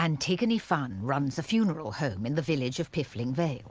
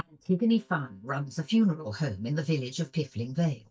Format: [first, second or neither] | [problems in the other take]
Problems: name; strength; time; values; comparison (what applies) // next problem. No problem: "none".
first | noise reduction (neural mask model DeepFilterNet 3)